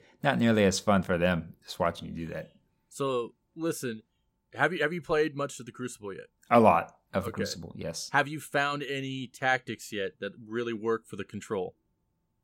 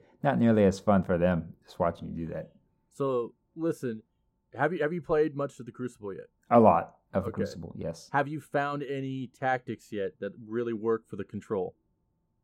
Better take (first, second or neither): first